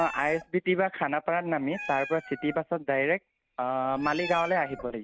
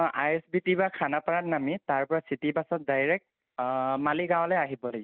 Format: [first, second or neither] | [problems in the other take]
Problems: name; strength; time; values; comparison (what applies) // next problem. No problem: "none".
second | background sound (Meow); 15 dB below the speech